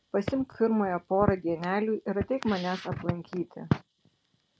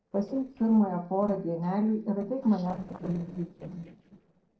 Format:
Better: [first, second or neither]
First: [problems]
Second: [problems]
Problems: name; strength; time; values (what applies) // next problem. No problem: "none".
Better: first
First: none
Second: noise reduction (neural separator model SepFormer DNS4)